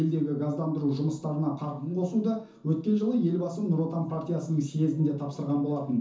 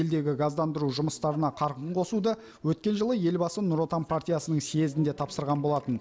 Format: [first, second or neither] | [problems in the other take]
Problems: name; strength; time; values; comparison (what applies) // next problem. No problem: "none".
second | room echo; dies away in 0.9 s